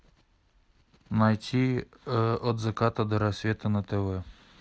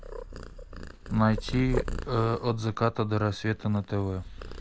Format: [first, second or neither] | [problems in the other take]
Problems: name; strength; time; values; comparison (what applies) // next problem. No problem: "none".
first | background sound (Purr); 8 dB below the speech